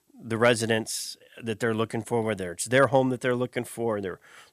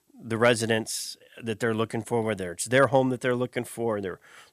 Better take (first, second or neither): neither